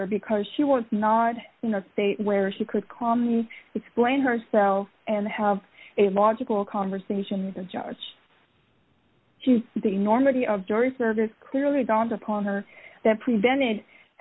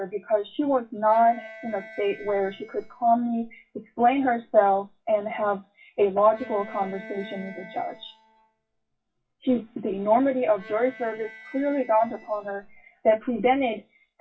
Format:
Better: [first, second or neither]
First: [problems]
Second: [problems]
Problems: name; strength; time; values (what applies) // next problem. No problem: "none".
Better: first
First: none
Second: noise reduction (classical method WPE with log-MMSE)